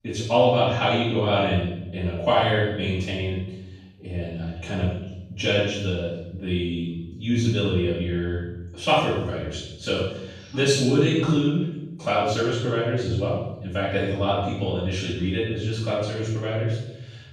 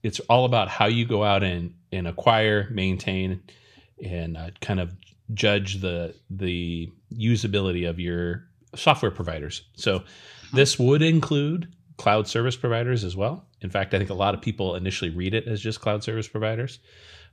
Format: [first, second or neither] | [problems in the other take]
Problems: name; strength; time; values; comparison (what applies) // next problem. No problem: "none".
second | room echo; strong; dies away in 0.8 s // off-mic speech; far